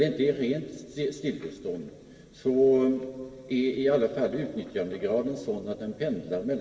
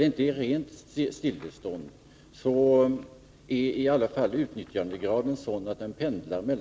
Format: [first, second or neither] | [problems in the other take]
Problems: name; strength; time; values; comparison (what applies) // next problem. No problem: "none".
second | room echo; dies away in 2 s